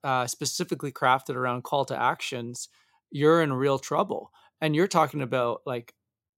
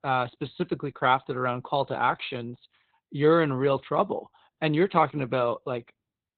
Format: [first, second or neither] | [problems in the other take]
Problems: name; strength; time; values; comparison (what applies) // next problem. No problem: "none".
first | garbled, watery; badly; nothing above 4 kHz